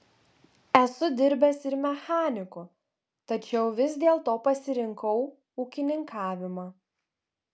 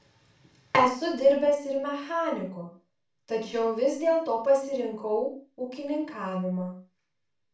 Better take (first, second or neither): first